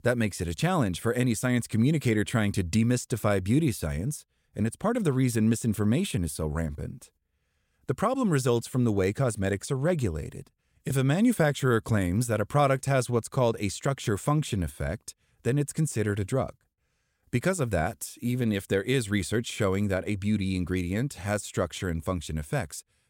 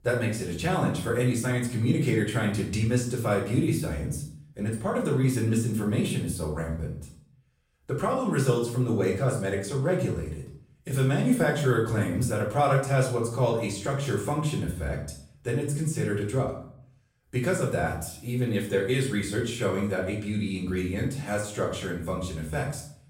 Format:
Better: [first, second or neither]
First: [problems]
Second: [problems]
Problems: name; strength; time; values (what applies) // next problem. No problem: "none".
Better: first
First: none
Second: off-mic speech; far // room echo; noticeable; dies away in 0.5 s